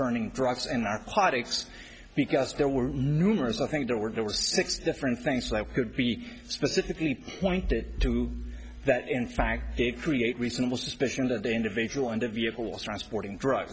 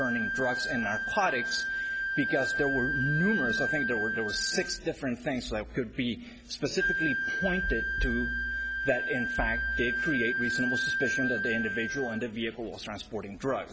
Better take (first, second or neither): first